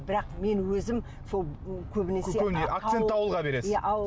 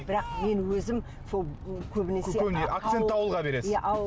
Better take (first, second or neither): first